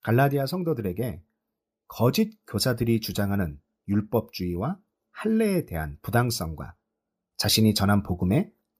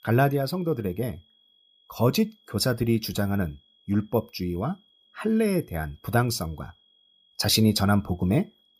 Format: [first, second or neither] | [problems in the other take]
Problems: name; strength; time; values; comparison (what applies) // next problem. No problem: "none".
first | high-pitched whine; faint; throughout; 3.5 kHz, 35 dB below the speech